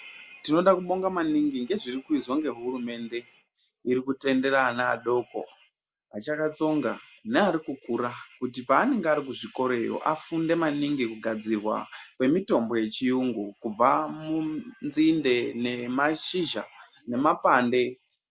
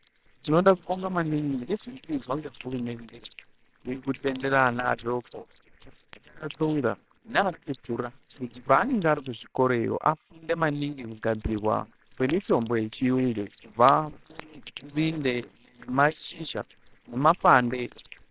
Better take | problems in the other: first | noise reduction (neural separator model SepFormer WHAMR!)

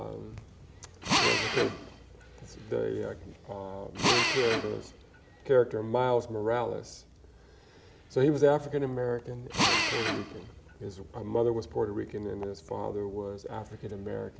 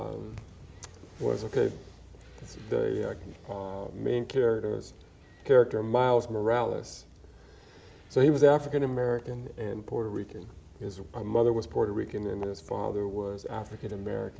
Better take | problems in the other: second | background sound (Drill); 1 dB below the speech

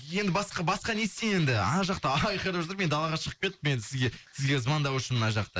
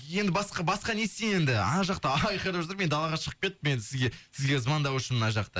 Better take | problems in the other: second | noise reduction (neural mask model Resemble Enhance denoiser)

